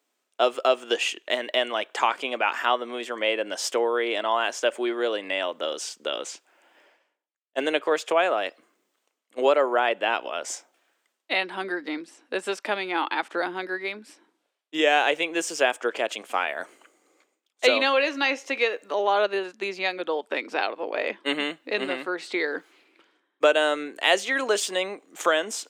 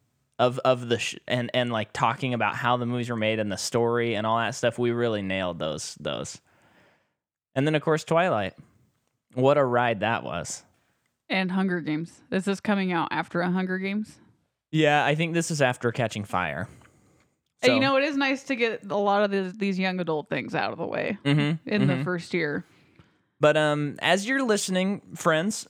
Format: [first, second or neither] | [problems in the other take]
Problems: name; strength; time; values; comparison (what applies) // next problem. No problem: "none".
second | thin; somewhat; fading below 300 Hz